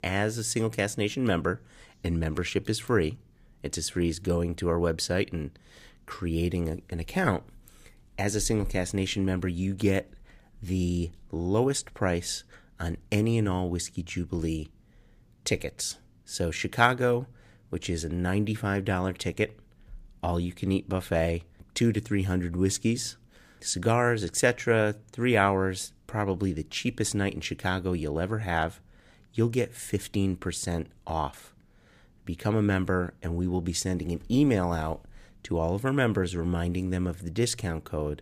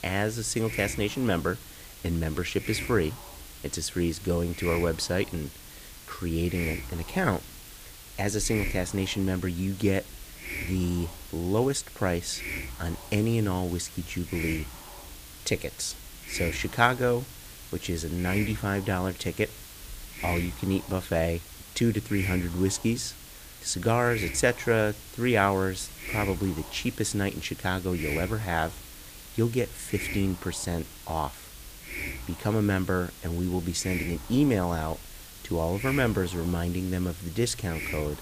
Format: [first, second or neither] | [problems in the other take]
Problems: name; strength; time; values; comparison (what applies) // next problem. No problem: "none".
first | hiss; noticeable; throughout; 10 dB below the speech